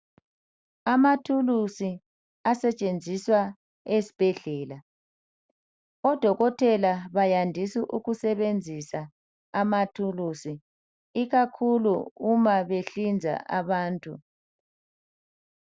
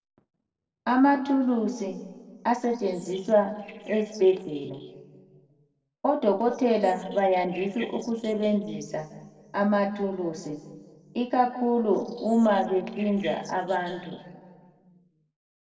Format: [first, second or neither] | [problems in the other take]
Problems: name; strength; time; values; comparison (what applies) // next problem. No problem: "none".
first | noise reduction (neural separator model SepFormer DNS4)